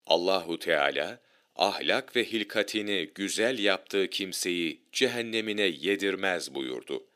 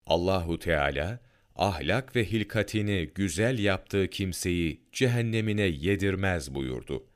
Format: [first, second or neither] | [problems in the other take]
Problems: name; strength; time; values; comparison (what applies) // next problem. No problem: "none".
second | thin; somewhat; fading below 300 Hz